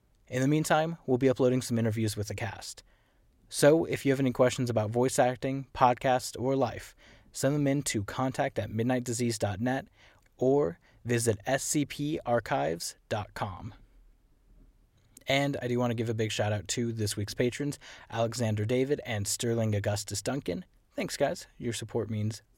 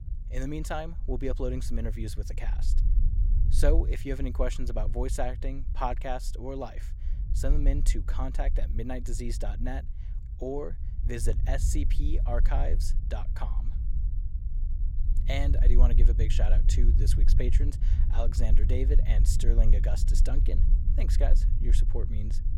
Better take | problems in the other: first | low rumble; noticeable; throughout; 10 dB below the speech

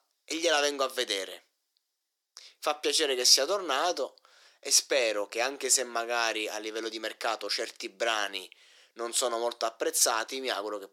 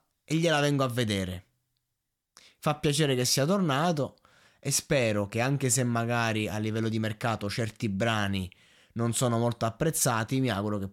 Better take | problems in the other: second | thin; very; fading below 350 Hz

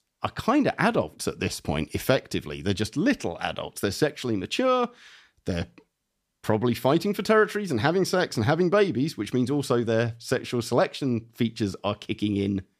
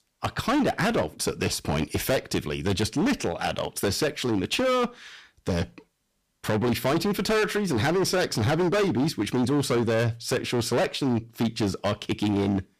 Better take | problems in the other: first | distortion; heavy; 19% of the sound clipped

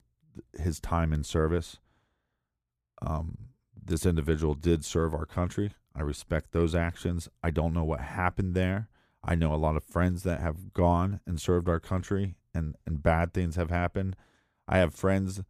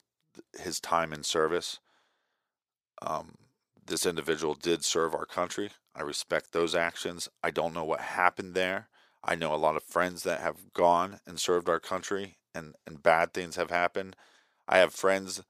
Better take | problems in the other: first | thin; very; fading below 500 Hz

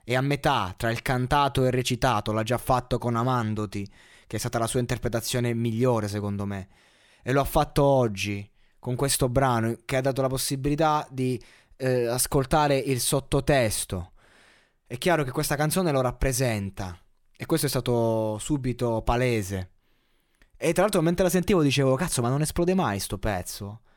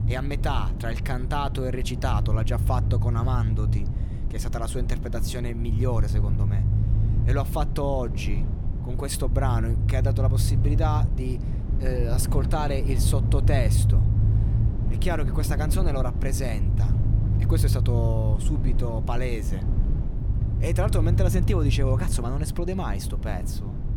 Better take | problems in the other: first | low rumble; loud; throughout; 7 dB below the speech

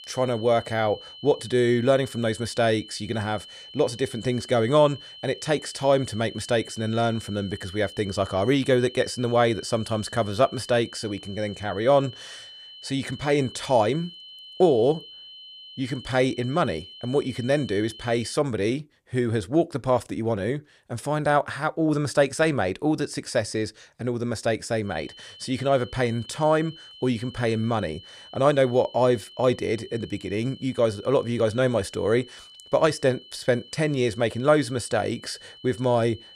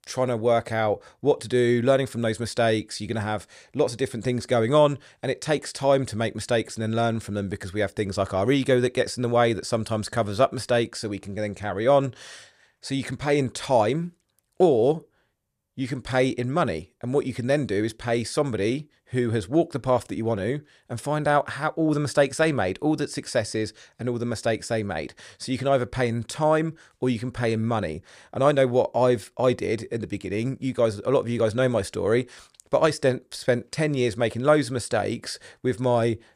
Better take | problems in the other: second | high-pitched whine; noticeable; until 18 s and from 25 s on; 3 kHz, 20 dB below the speech

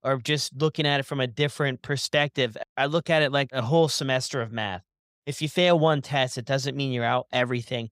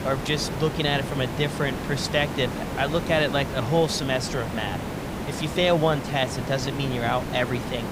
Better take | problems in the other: first | hiss; loud; throughout; 6 dB below the speech

